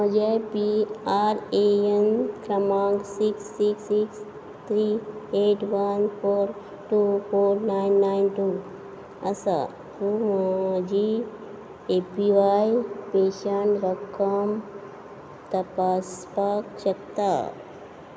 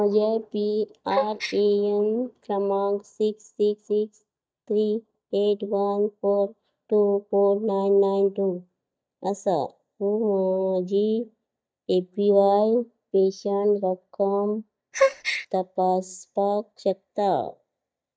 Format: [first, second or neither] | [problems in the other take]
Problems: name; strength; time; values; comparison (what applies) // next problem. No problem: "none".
first | noise reduction (neural mask model DeepFilterNet 3)